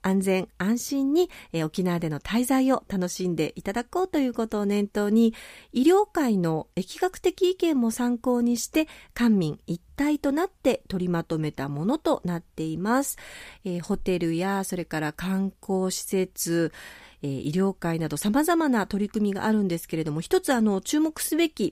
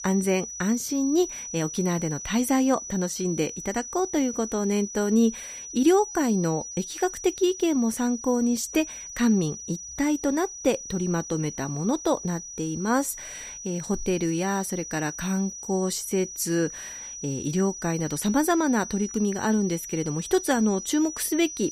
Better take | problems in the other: first | high-pitched whine; loud; throughout; 6 kHz, 9 dB below the speech

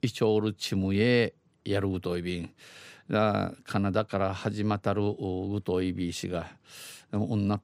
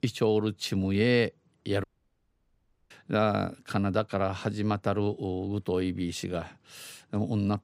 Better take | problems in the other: first | audio cutting out; at 2 s for 1 s

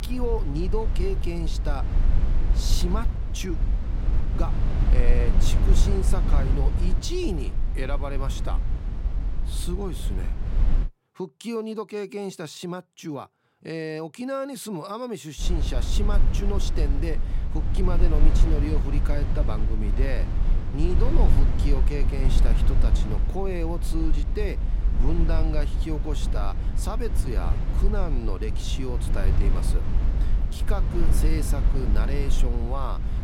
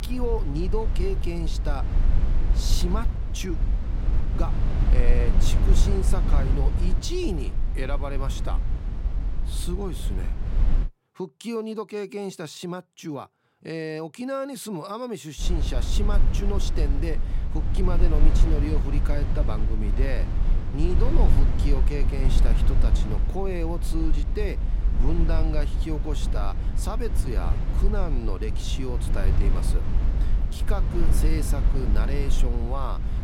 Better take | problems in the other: neither | low rumble; loud; until 11 s and from 15 s on; 6 dB below the speech; the same in both

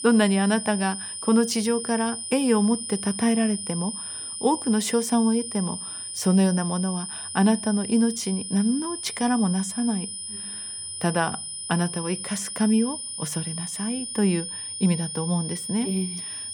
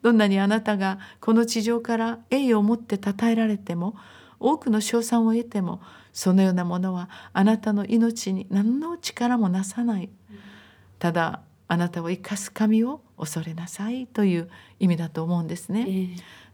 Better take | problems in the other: second | high-pitched whine; loud; throughout; 9.5 kHz, 6 dB below the speech

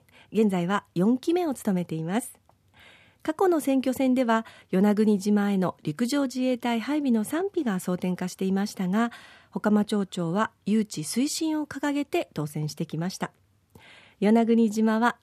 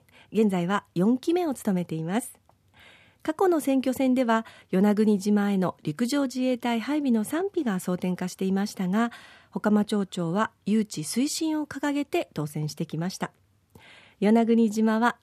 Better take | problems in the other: neither | none

